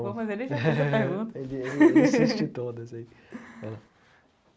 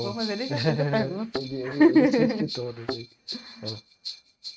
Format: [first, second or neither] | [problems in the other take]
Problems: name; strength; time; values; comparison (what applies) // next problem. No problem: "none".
first | noise reduction (neural mask model RNNoise)